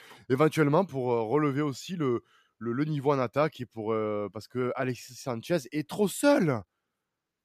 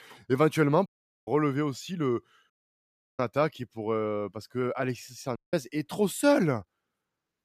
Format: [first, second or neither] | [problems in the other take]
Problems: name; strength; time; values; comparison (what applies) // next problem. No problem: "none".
first | audio cutting out; at 1 s, at 2.5 s for 0.5 s and at 5.5 s